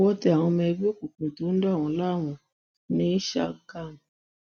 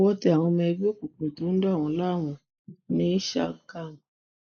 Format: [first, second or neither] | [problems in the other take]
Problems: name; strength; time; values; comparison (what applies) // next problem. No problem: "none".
first | noise reduction (neural mask model Resemble Enhance denoiser)